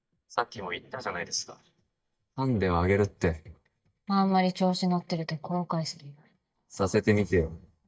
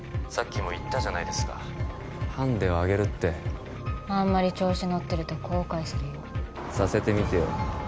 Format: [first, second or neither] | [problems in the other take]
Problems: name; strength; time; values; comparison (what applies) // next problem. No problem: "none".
second | noise reduction (neural mask model DeepFilterNet 3)